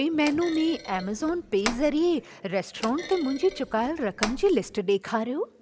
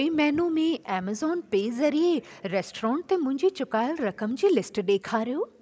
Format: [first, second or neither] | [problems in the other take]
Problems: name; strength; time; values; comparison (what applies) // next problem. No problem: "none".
second | background sound (Thump, thud); 11 dB below the speech